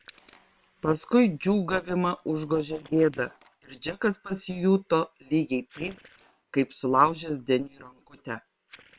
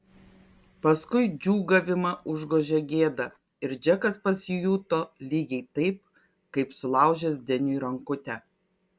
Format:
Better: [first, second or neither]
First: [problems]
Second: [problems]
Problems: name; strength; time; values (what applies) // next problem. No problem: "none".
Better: second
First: noise reduction (neural separator model SepFormer WHAM!)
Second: none